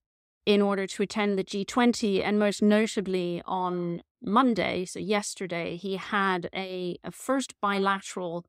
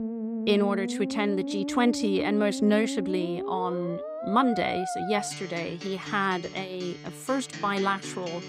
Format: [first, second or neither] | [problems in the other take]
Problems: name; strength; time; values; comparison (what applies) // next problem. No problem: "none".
first | background music; loud; throughout; 6 dB below the speech